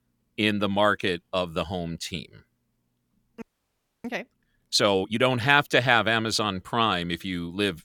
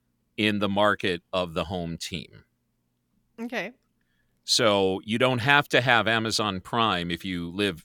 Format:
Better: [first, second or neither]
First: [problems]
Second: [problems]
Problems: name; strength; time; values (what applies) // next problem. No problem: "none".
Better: second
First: audio freezing; at 3.5 s for 0.5 s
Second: none